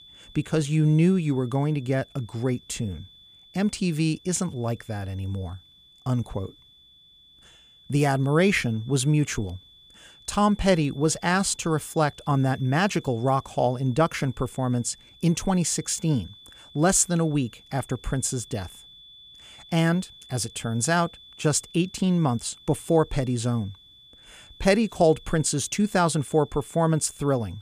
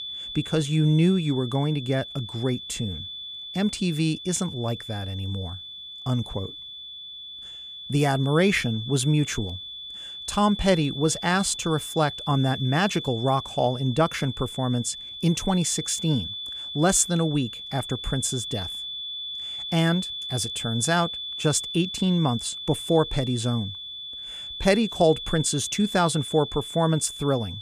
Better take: first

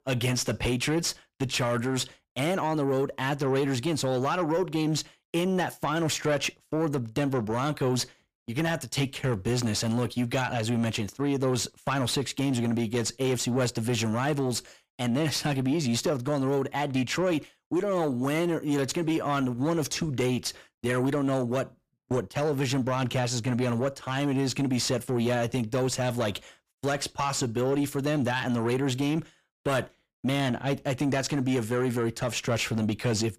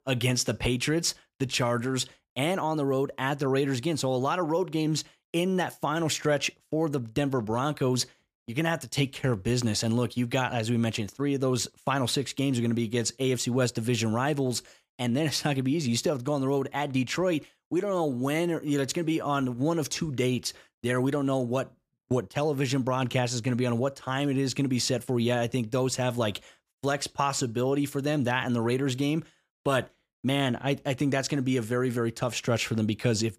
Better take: second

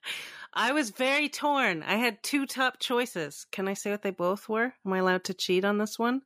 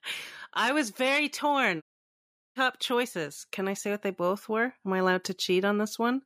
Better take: first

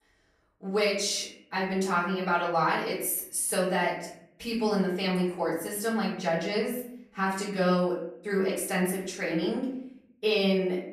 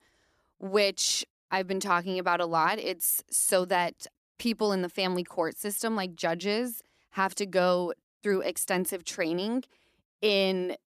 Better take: second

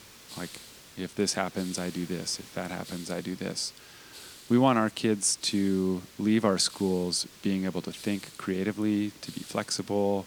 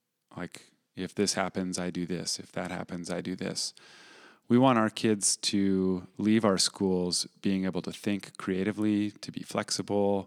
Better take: second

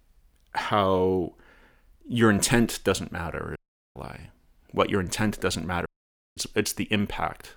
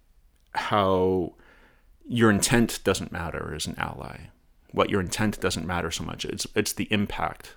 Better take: second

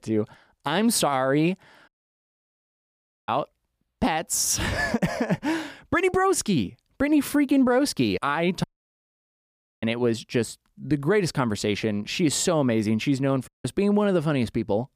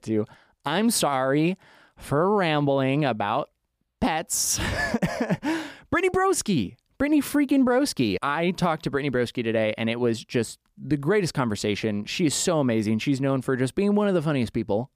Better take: second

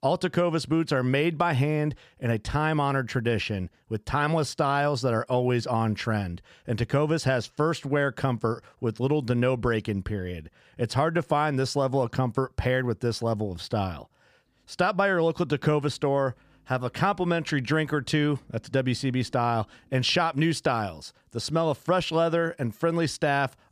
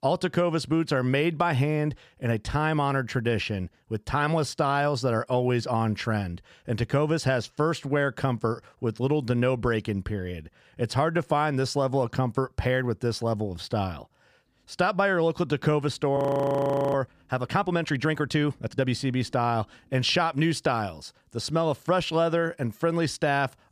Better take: first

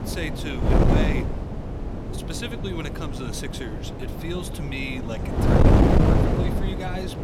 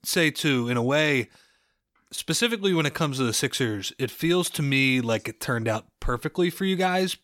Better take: second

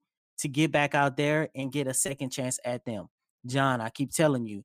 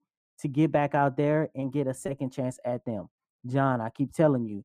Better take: first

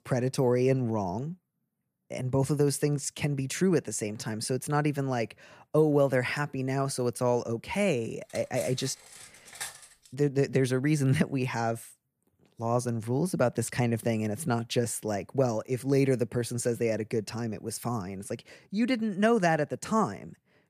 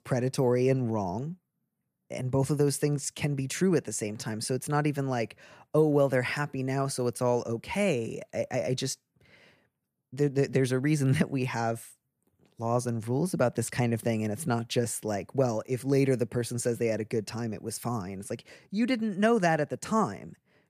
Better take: second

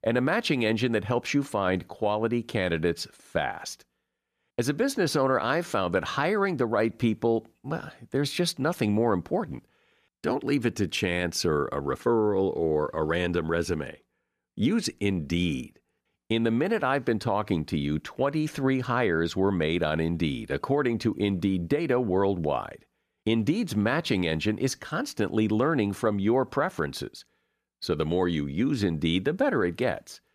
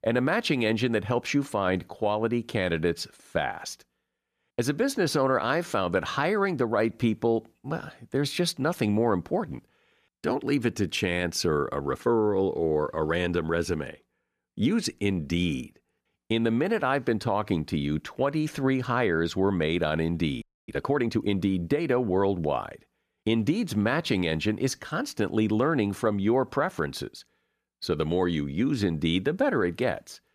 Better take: first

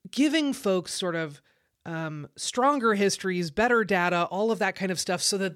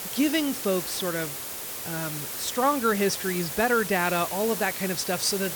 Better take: first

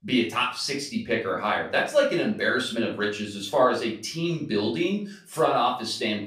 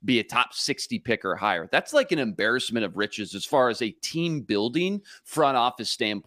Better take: second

